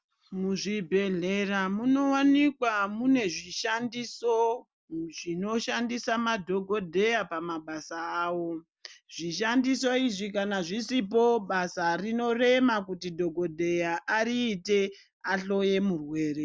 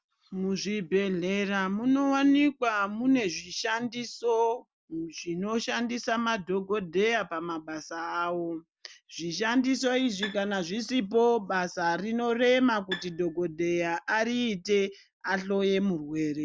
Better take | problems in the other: first | background sound (Bowed string instrument); 14 dB below the speech

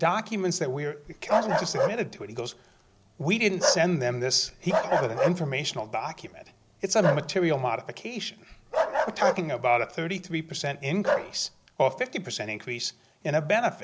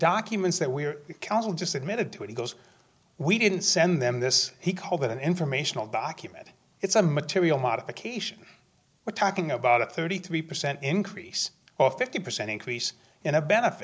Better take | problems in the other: second | background sound (Bark); 3 dB below the speech

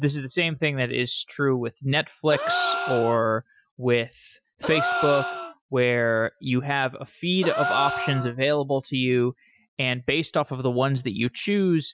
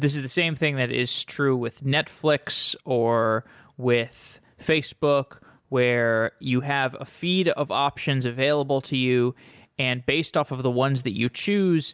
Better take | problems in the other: second | noise reduction (classical method Wiener filter)

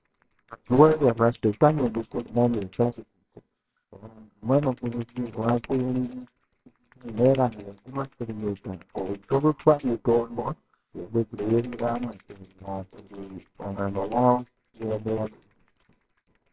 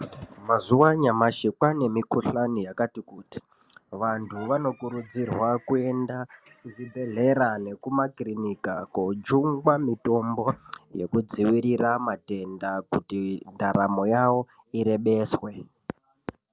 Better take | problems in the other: second | noise reduction (neural separator model SepFormer WHAMR!)

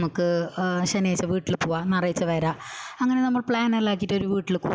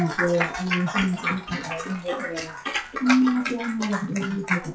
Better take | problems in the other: first | noise reduction (classical method WPE with log-MMSE)

